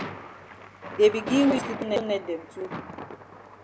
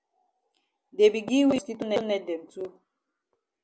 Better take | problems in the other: second | background sound (Thunder); 10 dB below the speech

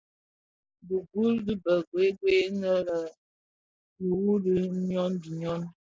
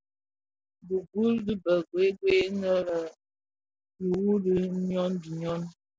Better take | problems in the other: second | noise reduction (neural mask model Resemble Enhance denoiser)

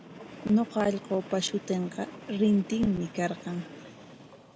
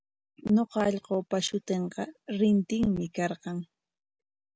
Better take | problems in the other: second | background sound (Train); 16 dB below the speech

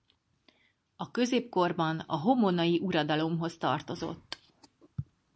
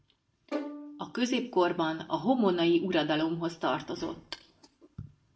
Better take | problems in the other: first | background sound (Bowed string instrument); 12 dB below the speech // room echo; dies away in 0.4 s

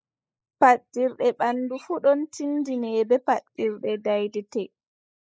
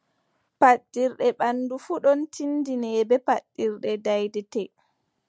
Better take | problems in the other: second | noise reduction (neural mask model Resemble Enhance denoiser)

